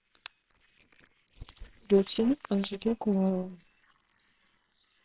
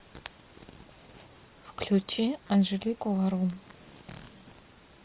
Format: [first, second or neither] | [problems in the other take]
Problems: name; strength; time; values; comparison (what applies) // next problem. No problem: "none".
second | noise reduction (neural separator model SepFormer WHAMR!)